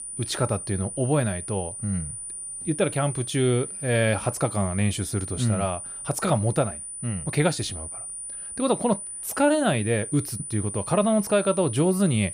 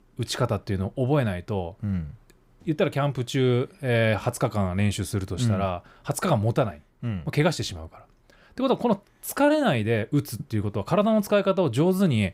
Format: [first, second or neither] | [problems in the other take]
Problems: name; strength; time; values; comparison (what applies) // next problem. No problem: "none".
second | high-pitched whine; loud; throughout; 9.5 kHz, 8 dB below the speech